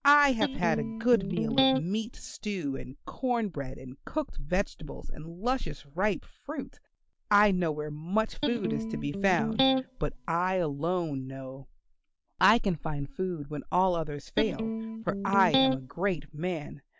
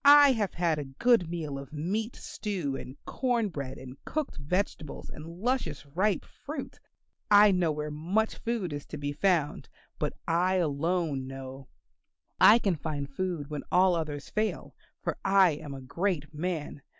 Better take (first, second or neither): second